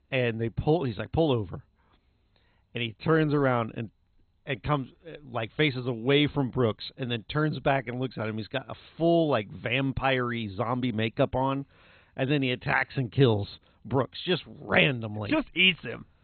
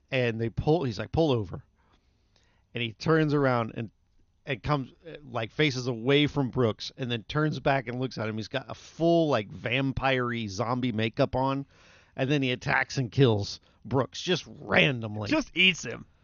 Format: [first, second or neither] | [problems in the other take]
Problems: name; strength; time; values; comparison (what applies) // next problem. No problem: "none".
second | garbled, watery; badly; nothing above 4 kHz; slightly in the second